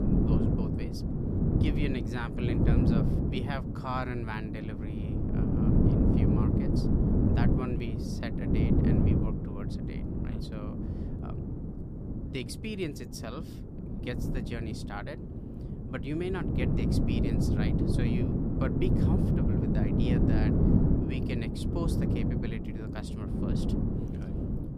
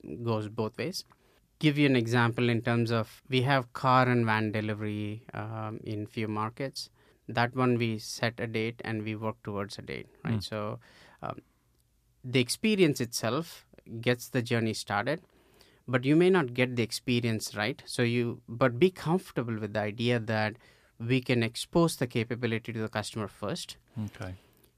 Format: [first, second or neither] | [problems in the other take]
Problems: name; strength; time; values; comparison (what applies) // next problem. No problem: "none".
second | wind noise on the microphone; heavy; 4 dB above the speech